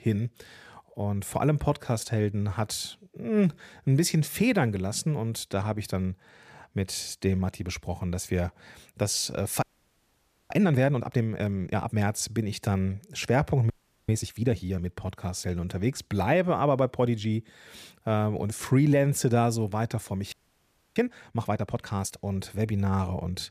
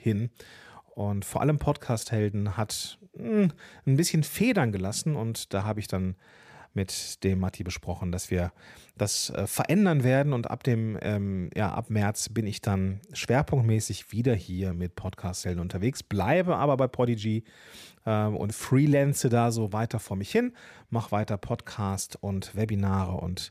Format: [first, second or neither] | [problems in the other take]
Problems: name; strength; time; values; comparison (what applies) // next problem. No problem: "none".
second | audio freezing; at 9.5 s for 1 s, at 14 s and at 20 s for 0.5 s